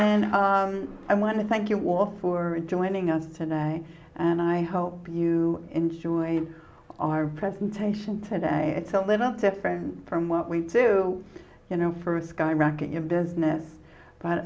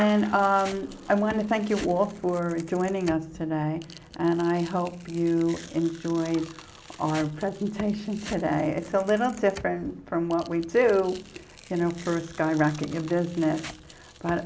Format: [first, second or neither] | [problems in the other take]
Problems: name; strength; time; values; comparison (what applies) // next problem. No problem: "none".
first | background sound (Tearing); 19 dB below the speech